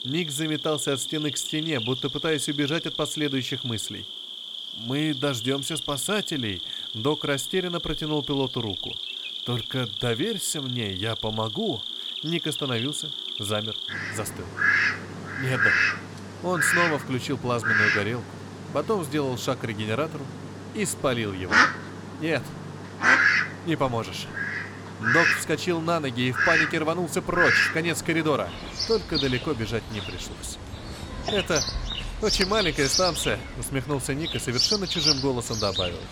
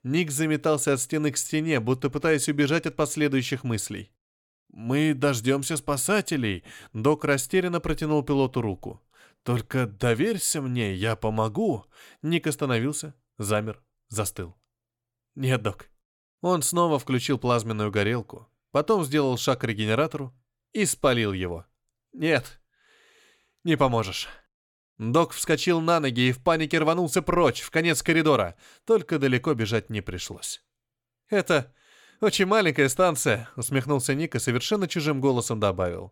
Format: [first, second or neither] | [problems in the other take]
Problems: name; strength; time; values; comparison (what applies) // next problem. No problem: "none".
second | animal sounds; very loud; throughout; 2 dB above the speech